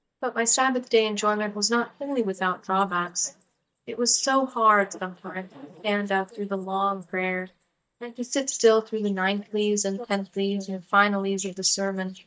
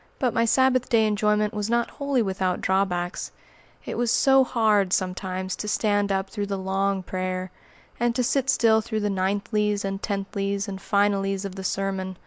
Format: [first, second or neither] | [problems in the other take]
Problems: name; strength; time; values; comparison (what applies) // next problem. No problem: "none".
second | noise reduction (neural mask model DeepFilterNet 3)